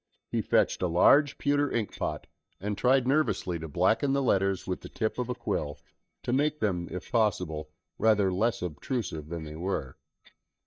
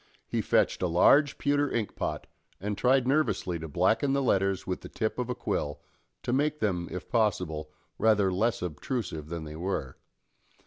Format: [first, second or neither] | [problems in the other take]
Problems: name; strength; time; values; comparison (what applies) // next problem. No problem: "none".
second | noise reduction (neural mask model DeepFilterNet 3)